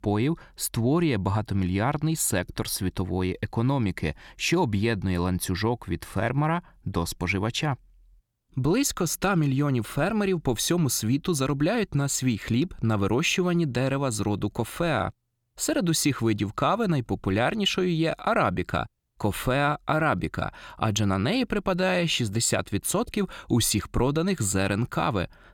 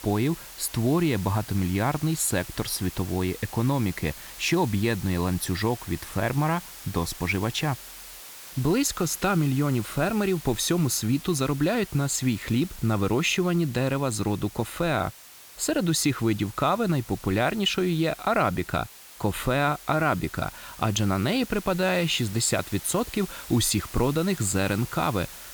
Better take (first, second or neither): first